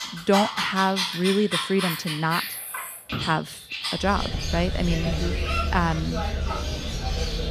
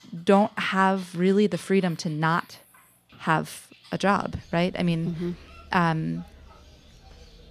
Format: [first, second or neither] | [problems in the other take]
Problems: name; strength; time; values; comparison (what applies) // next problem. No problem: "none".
second | animal sounds; loud; throughout; 2 dB below the speech; faint in the second